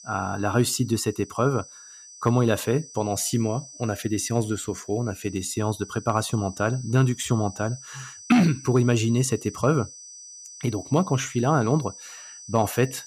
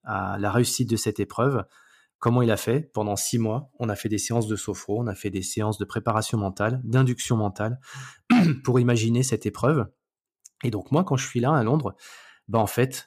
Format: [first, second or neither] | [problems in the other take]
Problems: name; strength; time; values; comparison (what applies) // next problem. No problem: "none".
second | high-pitched whine; noticeable; throughout; 6 kHz, 15 dB below the speech